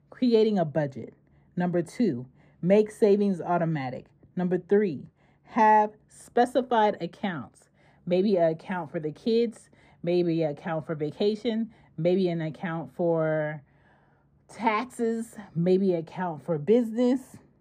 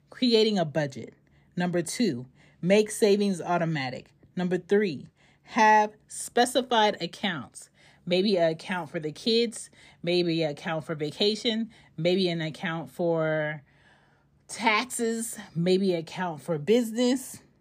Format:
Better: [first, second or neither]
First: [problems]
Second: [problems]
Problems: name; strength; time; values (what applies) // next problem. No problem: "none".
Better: second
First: muffled; slightly; fading above 2 kHz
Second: none